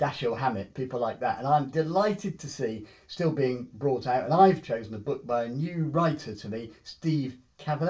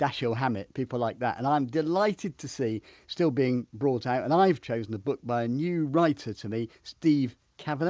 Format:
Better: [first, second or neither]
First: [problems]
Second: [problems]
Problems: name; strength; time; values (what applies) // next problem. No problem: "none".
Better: second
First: room echo; dies away in 0.2 s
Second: none